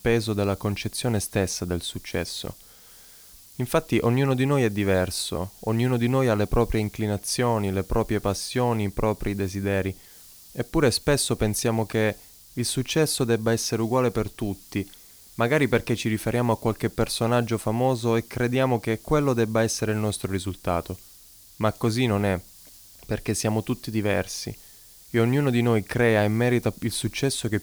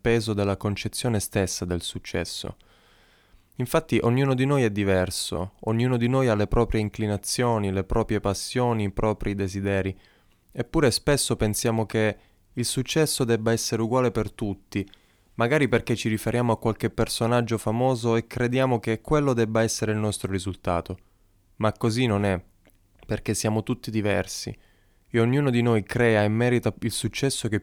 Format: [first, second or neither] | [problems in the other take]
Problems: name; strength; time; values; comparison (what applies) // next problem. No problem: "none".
second | hiss; faint; throughout; 20 dB below the speech